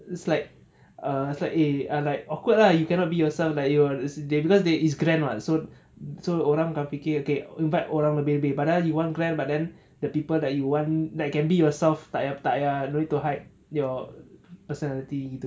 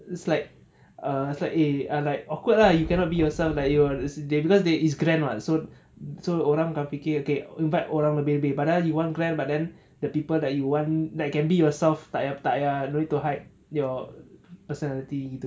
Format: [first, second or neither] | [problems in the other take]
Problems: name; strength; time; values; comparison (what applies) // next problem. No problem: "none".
first | background sound (Wind); 12 dB below the speech